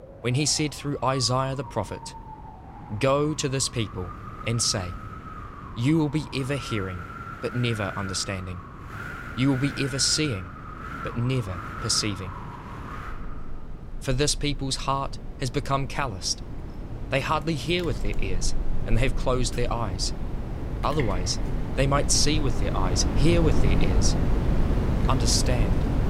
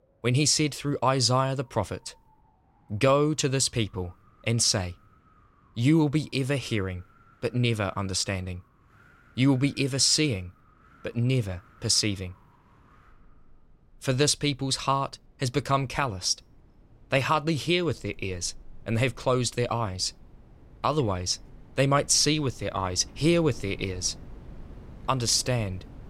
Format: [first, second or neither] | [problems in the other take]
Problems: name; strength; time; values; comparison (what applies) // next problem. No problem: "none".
second | wind in the background; loud; throughout; 6 dB below the speech; faint in the second